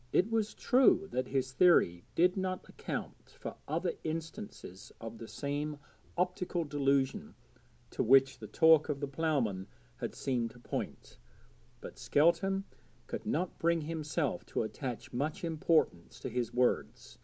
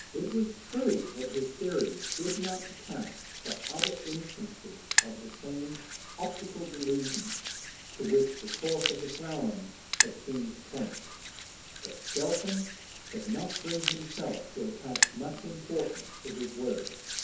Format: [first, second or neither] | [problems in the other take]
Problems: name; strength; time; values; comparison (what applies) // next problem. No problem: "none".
first | background sound (Hands); 1 dB below the speech // room echo; dies away in 0.6 s